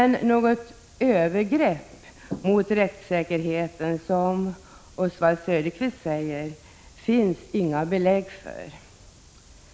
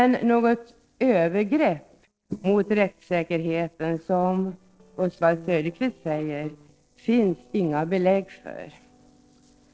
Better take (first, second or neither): first